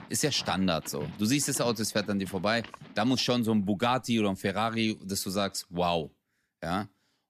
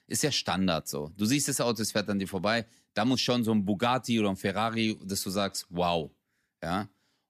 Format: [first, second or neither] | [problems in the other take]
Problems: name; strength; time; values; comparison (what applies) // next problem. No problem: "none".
second | animal sounds; noticeable; until 4.5 s; 20 dB below the speech